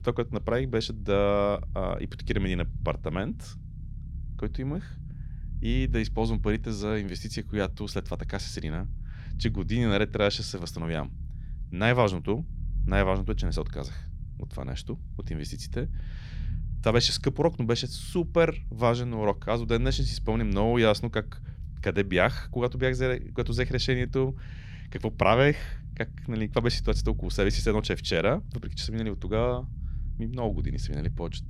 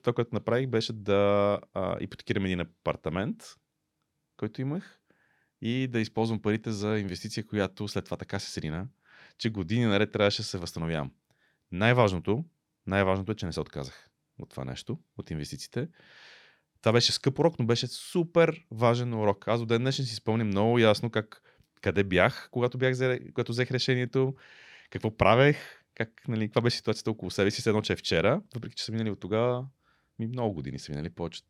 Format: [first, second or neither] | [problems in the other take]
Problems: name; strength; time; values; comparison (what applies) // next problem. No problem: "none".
second | low rumble; faint; throughout; 25 dB below the speech